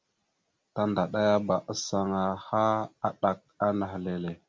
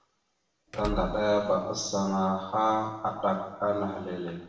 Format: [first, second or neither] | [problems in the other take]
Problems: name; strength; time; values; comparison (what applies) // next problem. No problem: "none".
first | background sound (Door / Car); 10 dB below the speech // room echo; dies away in 0.9 s